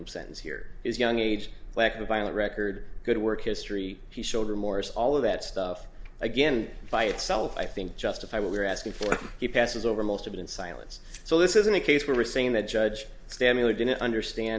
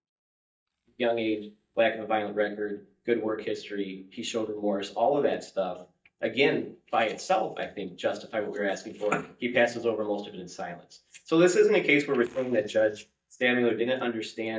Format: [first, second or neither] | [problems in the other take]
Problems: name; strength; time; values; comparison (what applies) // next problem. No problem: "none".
first | noise reduction (neural mask model DeepFilterNet 3)